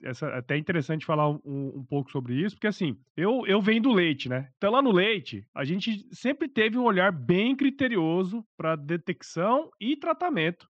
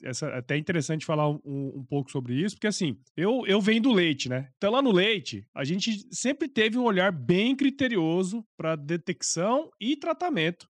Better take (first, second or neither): second